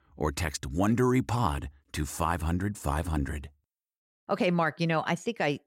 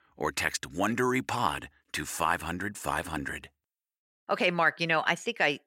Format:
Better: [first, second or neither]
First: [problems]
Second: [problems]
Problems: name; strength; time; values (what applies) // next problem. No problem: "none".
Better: first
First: none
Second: thin; somewhat; fading below 500 Hz